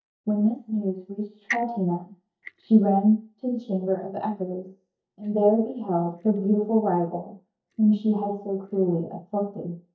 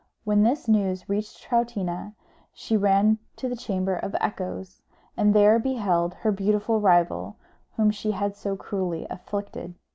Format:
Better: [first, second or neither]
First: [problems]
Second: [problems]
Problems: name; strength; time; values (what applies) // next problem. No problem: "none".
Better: second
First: noise reduction (neural mask model DeepFilterNet 3)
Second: none